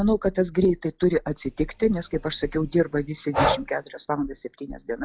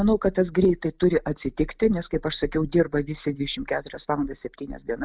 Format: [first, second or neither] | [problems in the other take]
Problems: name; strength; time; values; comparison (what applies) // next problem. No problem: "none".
second | noise reduction (classical method log-MMSE)